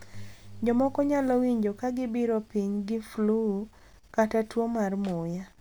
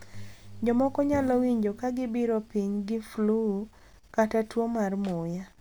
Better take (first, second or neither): first